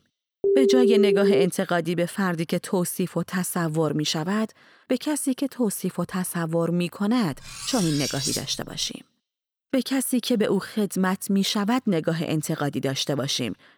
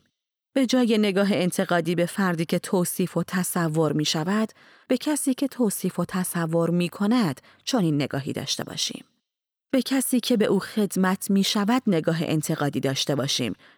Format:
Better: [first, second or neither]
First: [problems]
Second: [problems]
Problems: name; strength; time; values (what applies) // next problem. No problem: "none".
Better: second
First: phone ringing; loud; until 1.5 s; peak 5 dB above the speech // clattering dishes; noticeable; from 7.5 to 9 s; peak 1 dB below the speech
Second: none